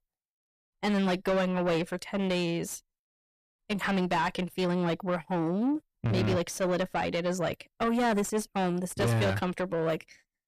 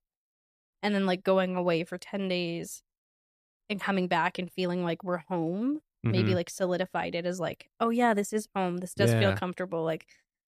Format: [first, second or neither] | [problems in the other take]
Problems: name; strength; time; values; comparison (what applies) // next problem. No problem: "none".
second | distortion; heavy; 6 dB below the speech